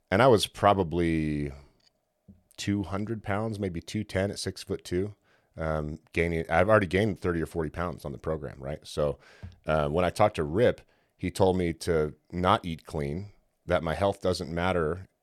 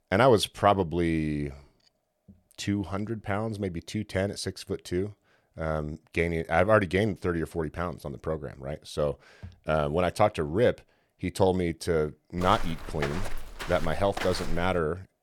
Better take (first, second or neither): first